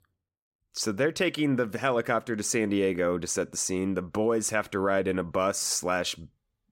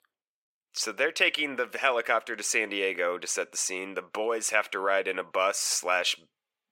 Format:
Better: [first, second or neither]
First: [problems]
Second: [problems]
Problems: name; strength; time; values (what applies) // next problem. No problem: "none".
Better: first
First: none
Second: thin; very; fading below 600 Hz